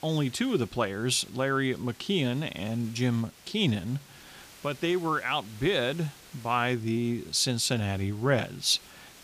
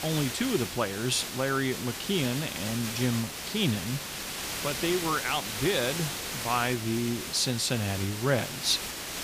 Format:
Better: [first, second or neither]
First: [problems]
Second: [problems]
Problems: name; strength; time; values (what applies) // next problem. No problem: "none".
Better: first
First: hiss; faint; throughout; 20 dB below the speech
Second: hiss; loud; throughout; 4 dB below the speech